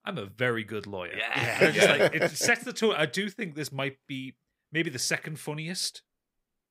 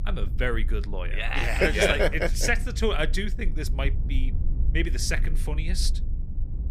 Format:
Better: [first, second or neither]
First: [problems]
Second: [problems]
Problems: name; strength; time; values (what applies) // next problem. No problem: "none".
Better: first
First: none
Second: low rumble; faint; throughout; 20 dB below the speech